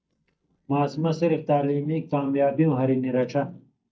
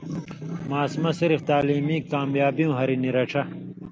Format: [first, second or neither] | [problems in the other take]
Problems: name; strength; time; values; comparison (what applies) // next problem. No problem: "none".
second | noise reduction (neural mask model DeepFilterNet 3)